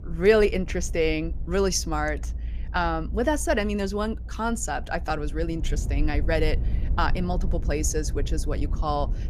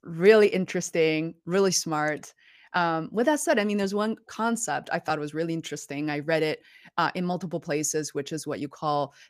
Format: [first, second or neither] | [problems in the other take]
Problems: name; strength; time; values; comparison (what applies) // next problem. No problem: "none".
second | low rumble; faint; throughout; 20 dB below the speech